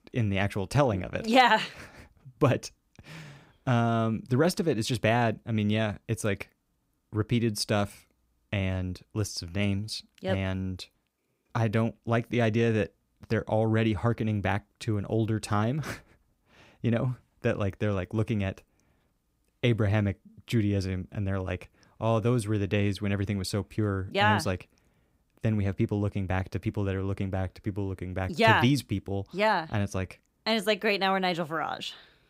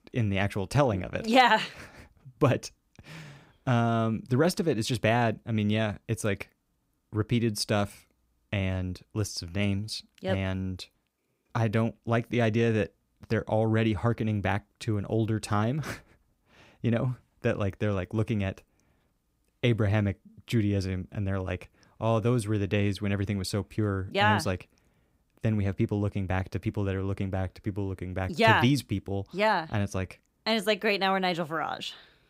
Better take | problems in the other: neither | none

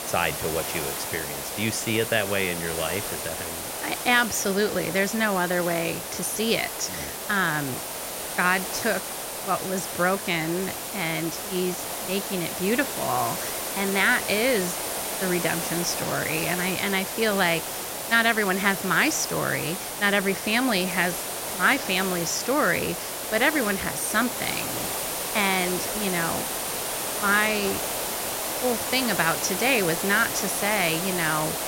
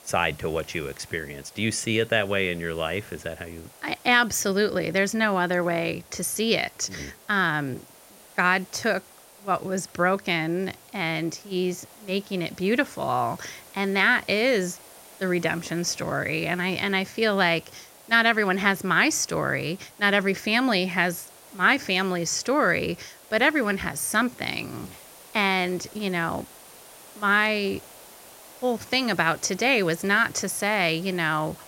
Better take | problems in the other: second | hiss; loud; throughout; 4 dB below the speech; faint in the second

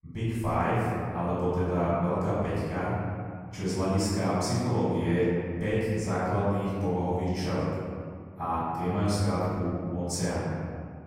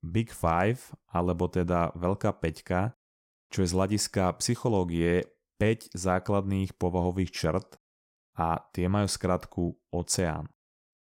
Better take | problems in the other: second | off-mic speech; far // room echo; strong; dies away in 2 s

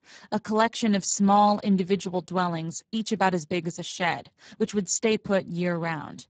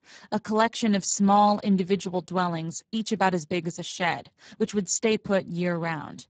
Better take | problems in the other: neither | garbled, watery; badly; nothing above 7.5 kHz; the same in both

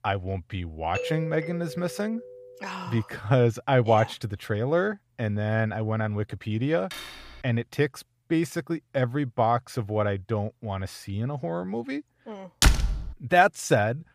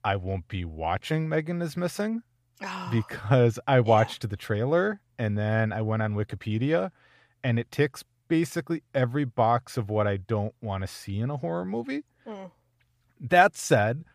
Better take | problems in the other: second | doorbell; noticeable; from 1 to 2.5 s; peak 5 dB below the speech // clattering dishes; faint; at 7 s; peak 10 dB below the speech // door banging; loud; at 13 s; peak 5 dB above the speech

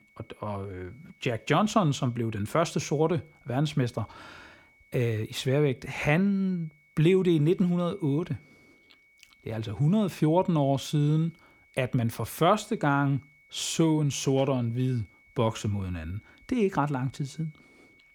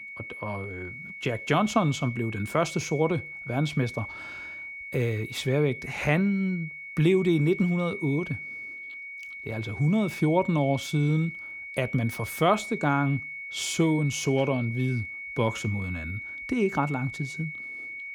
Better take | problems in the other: first | high-pitched whine; loud; throughout; 2 kHz, 10 dB below the speech; faint in the first

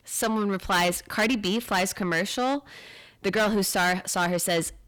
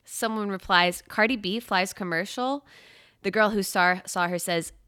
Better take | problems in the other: second | distortion; heavy; 6 dB below the speech

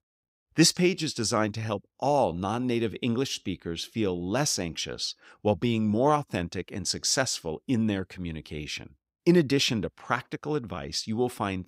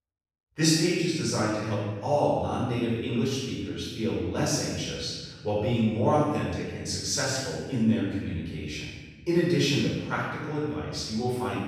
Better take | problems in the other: first | off-mic speech; far // room echo; strong; dies away in 1.2 s

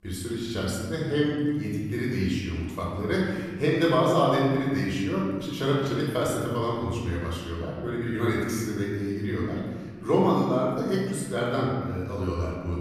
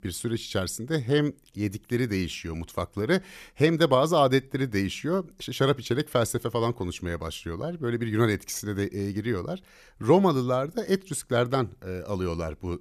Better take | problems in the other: second | room echo; noticeable; dies away in 1.6 s // off-mic speech; far

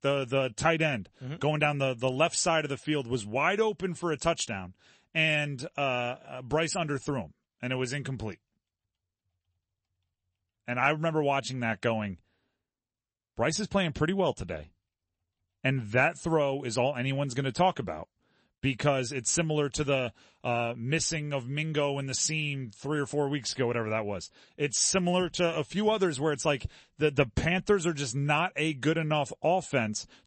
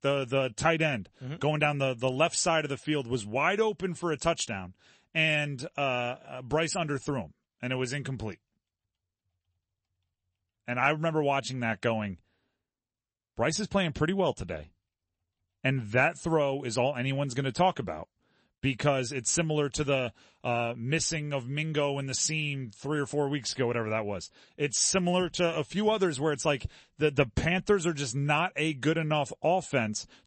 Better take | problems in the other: neither | garbled, watery; slightly; nothing above 8 kHz; the same in both

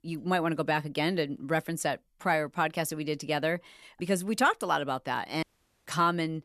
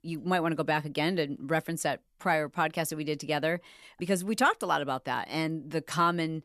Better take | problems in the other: second | audio cutting out; at 5.5 s

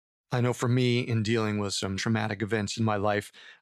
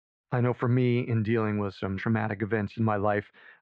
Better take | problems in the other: first | muffled; very; fading above 2 kHz

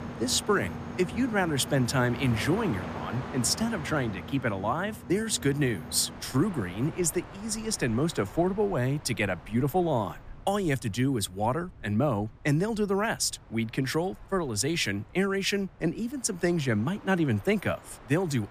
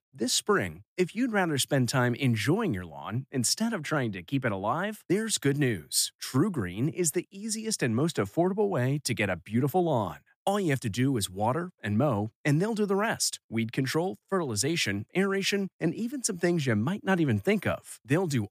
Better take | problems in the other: second | train or aircraft noise; noticeable; throughout; 15 dB below the speech

